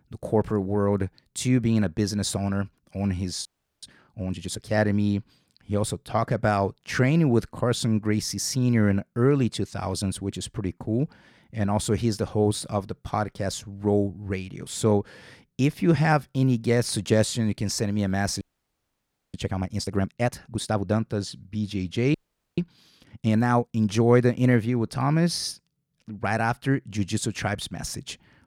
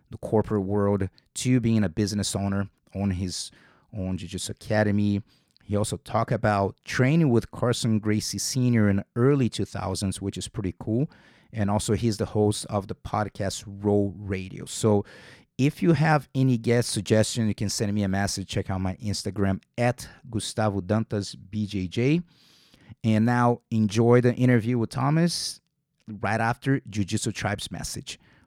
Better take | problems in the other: second | audio freezing; at 3.5 s, at 18 s for 1 s and at 22 s

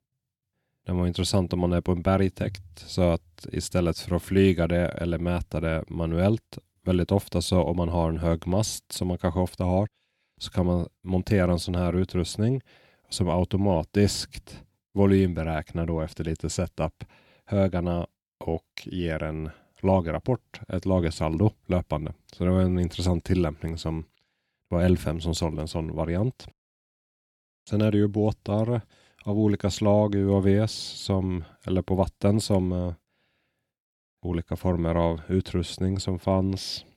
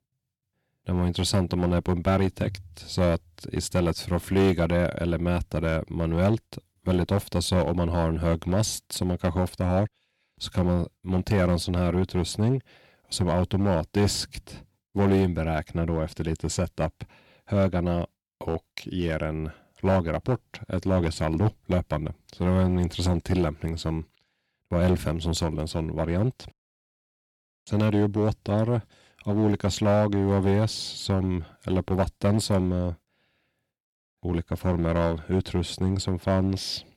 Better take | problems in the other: first | distortion; slight; 4% of the sound clipped

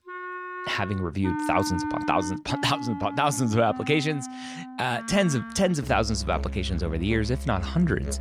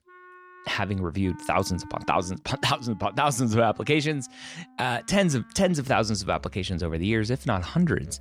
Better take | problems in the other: second | background music; loud; throughout; 8 dB below the speech; faint in the second

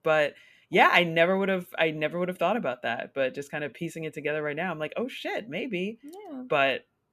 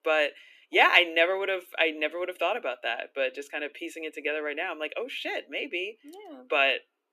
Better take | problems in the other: first | thin; somewhat; fading below 300 Hz

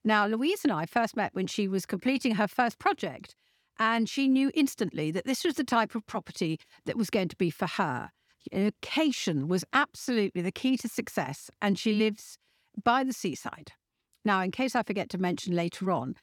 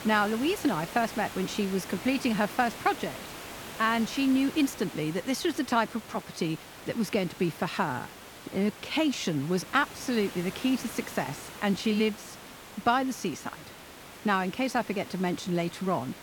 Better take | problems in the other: first | hiss; noticeable; throughout; 15 dB below the speech

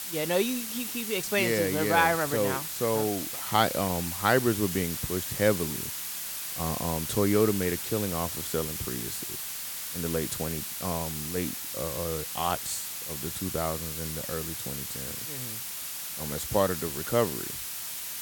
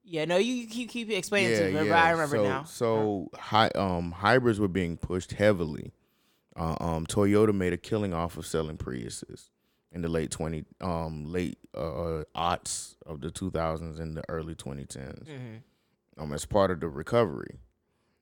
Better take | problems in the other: second | hiss; loud; throughout; 3 dB below the speech

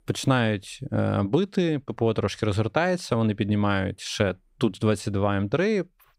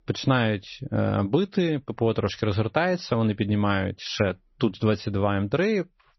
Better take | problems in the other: first | garbled, watery; slightly; nothing above 6 kHz

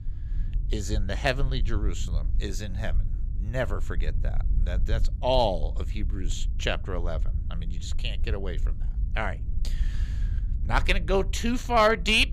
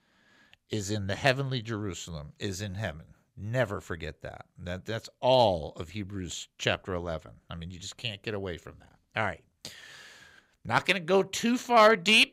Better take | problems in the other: second | wind noise on the microphone; occasional gusts; 25 dB below the speech

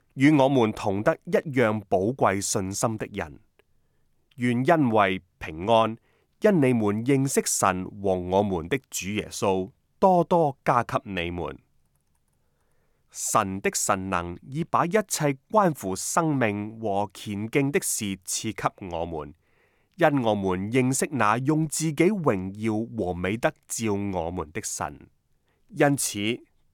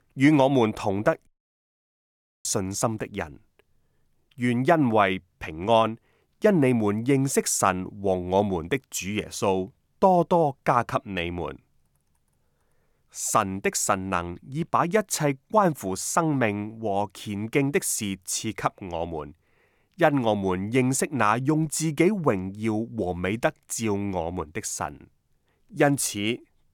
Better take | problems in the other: first | audio cutting out; at 1.5 s for 1 s

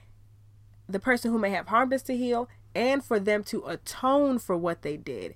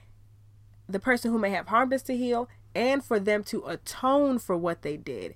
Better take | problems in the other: neither | none

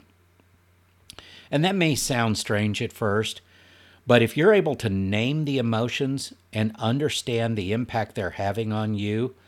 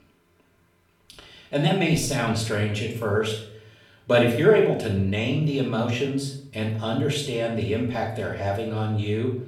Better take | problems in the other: first | off-mic speech; far // room echo; noticeable; dies away in 0.5 s

